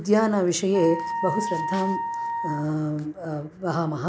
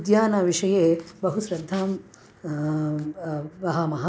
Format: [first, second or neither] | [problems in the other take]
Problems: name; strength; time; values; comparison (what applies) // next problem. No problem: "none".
second | background sound (Wind instrument, woodwind instrument); 6 dB below the speech